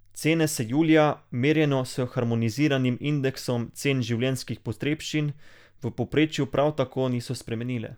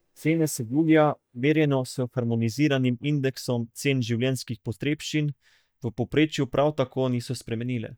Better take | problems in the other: first | noise reduction (neural mask model DeepFilterNet 3)

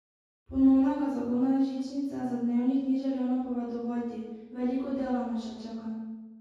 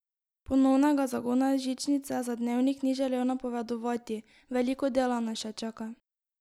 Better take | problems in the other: second | room echo; dies away in 1.3 s

